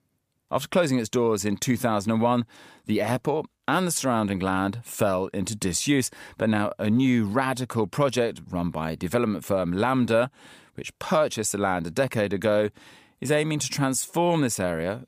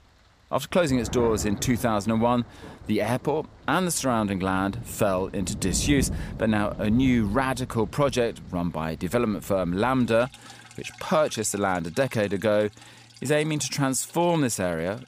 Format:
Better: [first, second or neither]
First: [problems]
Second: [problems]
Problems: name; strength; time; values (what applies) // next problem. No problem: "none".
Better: first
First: none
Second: rain or running water; noticeable; throughout; 15 dB below the speech